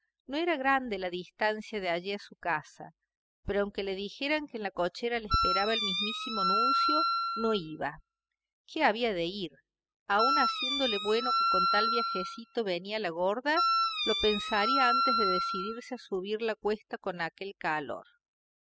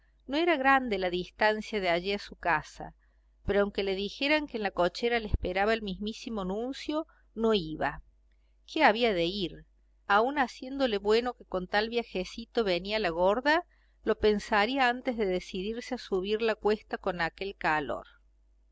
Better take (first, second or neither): second